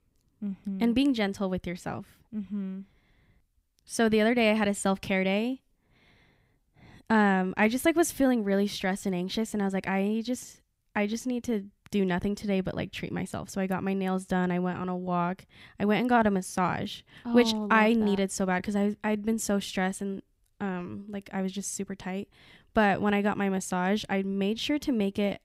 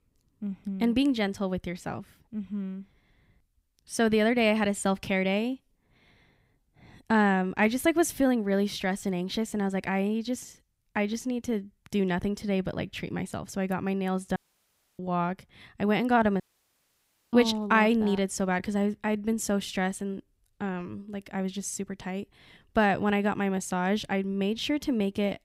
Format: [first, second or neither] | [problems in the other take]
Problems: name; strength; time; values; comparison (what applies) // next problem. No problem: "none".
first | audio cutting out; at 14 s for 0.5 s and at 16 s for 1 s